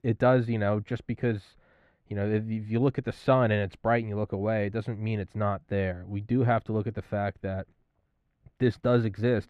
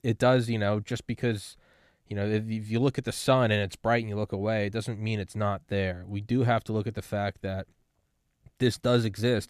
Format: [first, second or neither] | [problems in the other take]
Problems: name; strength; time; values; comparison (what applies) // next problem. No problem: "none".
second | muffled; slightly; fading above 4 kHz